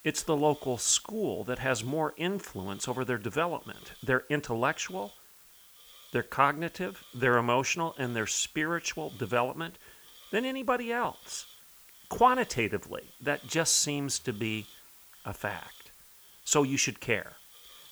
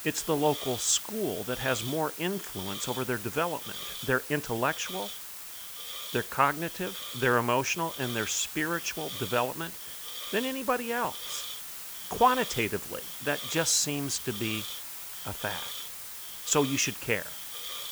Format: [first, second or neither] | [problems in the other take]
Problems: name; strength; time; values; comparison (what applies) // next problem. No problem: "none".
first | hiss; loud; throughout; 7 dB below the speech; faint in the first